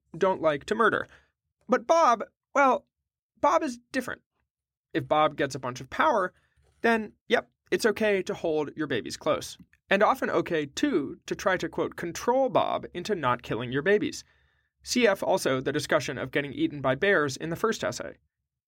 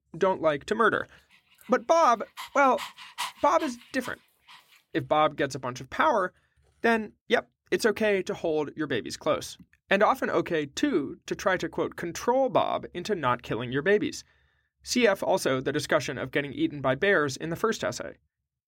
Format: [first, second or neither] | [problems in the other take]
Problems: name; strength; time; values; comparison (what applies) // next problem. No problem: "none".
first | dog barking; noticeable; from 2 to 4.5 s; peak 8 dB below the speech